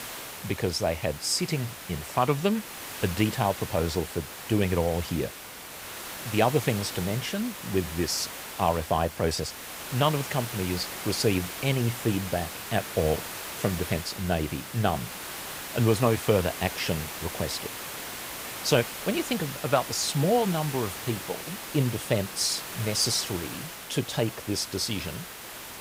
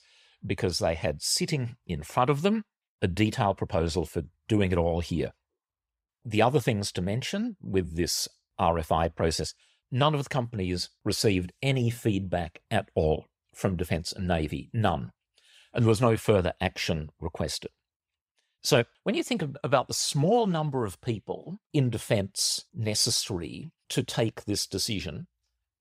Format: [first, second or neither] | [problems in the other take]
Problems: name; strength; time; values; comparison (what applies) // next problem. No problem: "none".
second | hiss; loud; throughout; 8 dB below the speech